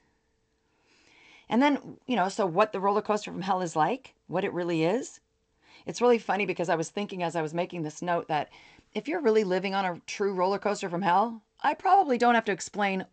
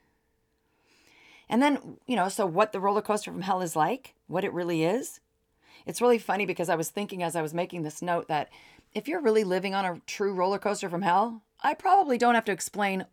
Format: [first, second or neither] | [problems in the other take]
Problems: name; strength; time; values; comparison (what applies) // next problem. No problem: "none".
second | garbled, watery; slightly; nothing above 8 kHz